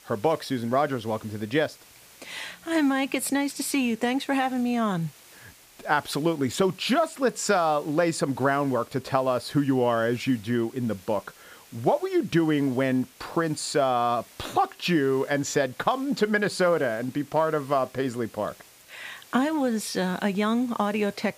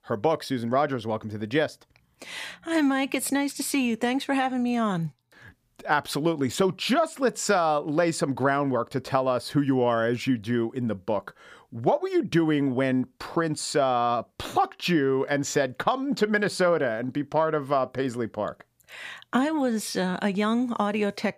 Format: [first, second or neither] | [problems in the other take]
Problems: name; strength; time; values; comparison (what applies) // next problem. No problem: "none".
second | hiss; faint; throughout; 25 dB below the speech